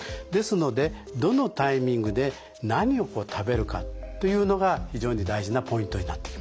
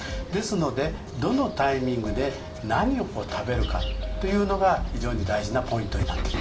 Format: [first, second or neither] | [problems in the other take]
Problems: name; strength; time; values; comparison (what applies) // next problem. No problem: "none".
first | background sound (Bird vocalization, bird call, bird song); 10 dB below the speech // room echo; dies away in 0.3 s